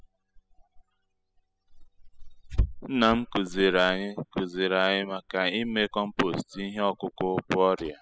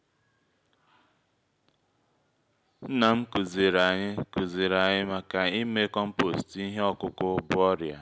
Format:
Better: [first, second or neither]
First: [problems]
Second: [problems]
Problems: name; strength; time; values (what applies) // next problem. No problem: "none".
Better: second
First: noise reduction (classical method spectral subtraction)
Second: none